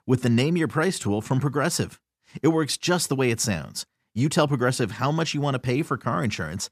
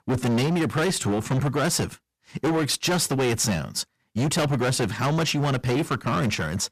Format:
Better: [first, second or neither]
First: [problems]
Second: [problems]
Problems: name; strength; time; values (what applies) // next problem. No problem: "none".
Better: first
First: none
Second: distortion; heavy; 23% of the sound clipped